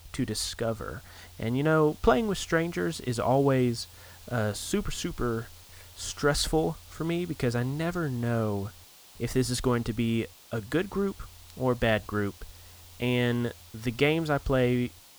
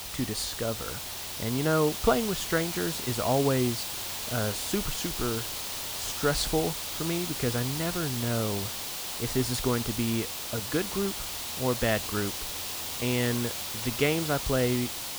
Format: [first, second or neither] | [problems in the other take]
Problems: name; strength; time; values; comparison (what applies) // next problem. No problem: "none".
first | hiss; loud; throughout; 3 dB below the speech; faint in the first